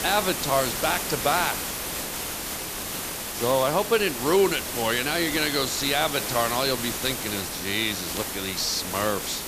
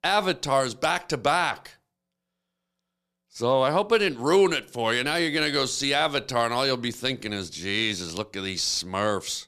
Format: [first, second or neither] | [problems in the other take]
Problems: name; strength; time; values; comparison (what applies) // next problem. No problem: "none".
second | hiss; loud; throughout; 4 dB below the speech